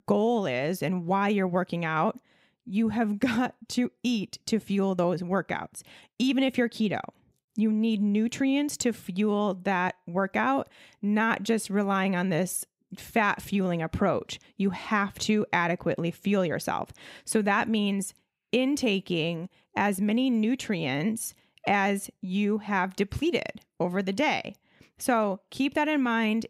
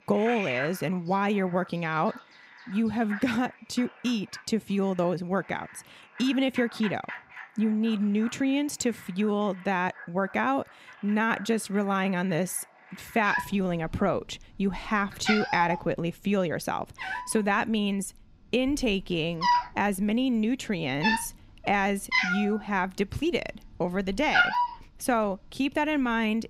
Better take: first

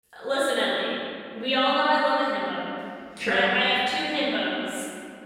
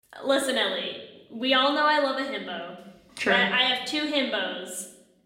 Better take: second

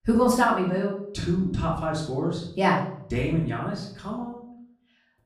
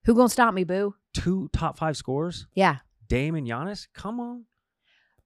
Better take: second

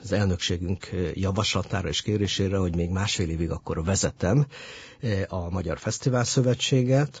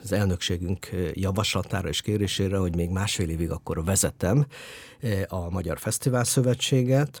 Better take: second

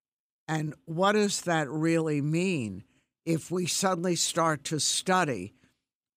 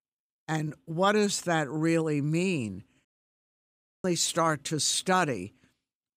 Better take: first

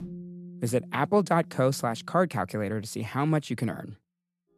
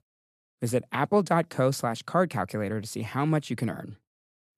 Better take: second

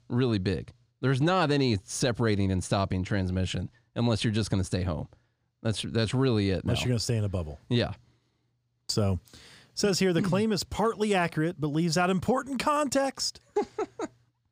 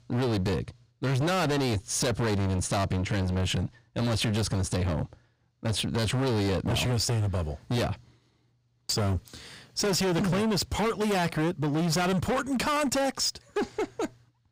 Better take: first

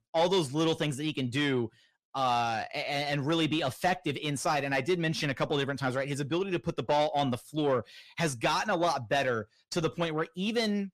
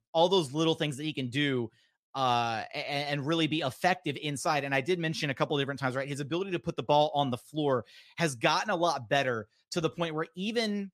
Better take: second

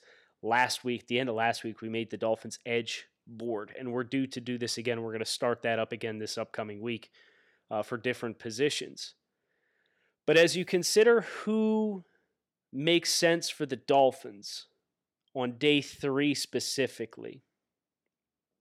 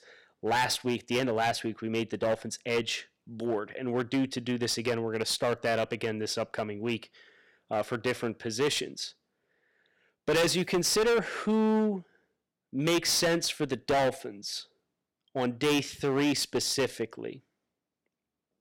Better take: first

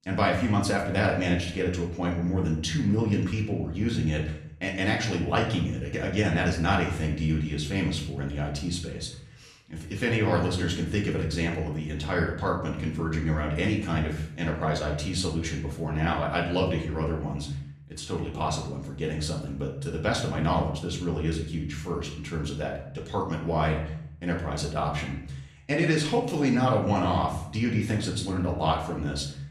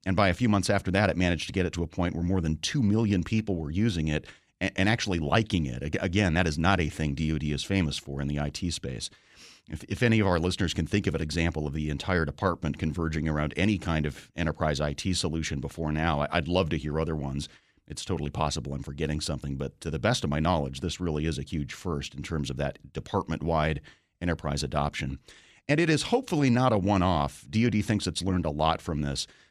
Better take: second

